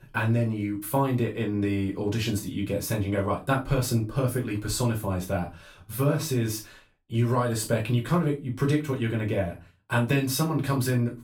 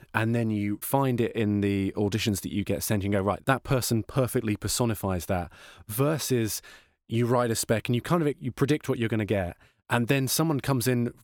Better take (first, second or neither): second